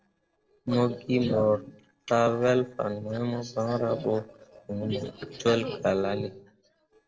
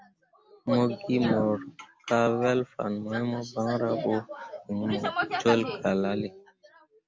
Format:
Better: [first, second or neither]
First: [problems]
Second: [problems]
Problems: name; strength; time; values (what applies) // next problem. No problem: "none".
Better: second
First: noise reduction (neural separator model SepFormer DNS4)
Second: none